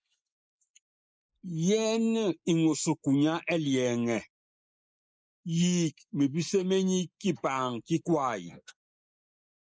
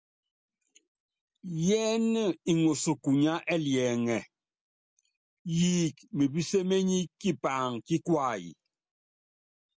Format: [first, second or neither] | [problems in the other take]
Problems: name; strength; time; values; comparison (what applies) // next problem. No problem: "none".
second | noise reduction (neural mask model Resemble Enhance denoiser)